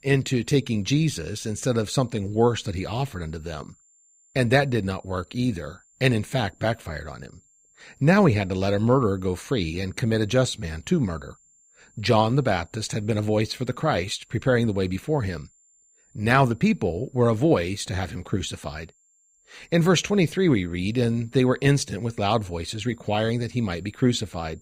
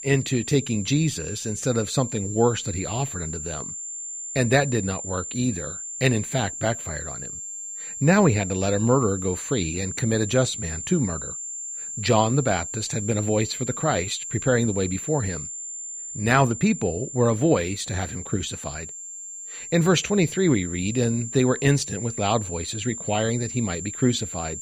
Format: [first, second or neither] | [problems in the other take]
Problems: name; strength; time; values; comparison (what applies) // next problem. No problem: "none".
first | high-pitched whine; loud; throughout; 7.5 kHz, 8 dB below the speech; faint in the first